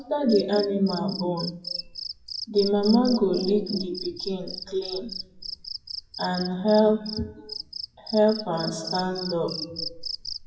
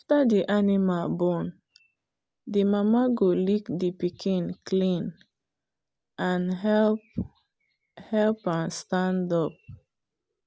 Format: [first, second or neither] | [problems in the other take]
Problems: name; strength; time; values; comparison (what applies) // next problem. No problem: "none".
second | noise reduction (classical method WPE with log-MMSE)